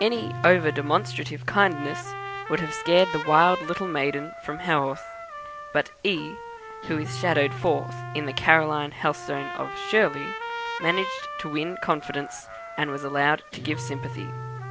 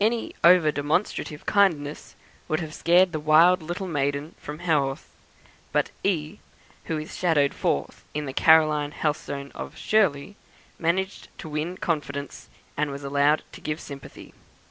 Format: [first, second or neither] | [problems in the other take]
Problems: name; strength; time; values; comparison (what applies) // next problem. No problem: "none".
second | background sound (Trumpet + Guitar); 9 dB below the speech